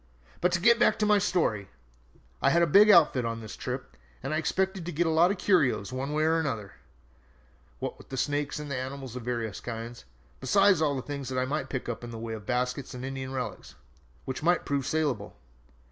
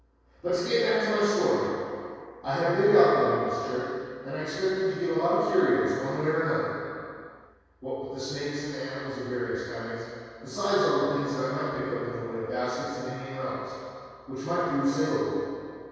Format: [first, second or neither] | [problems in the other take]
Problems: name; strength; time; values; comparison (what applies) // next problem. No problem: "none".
first | room echo; dies away in 2.2 s